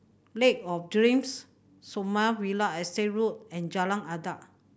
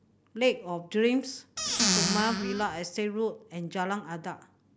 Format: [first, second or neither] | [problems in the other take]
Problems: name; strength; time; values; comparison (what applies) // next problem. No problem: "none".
first | background sound (Squeak / Cupboard open or close); 3 dB above the speech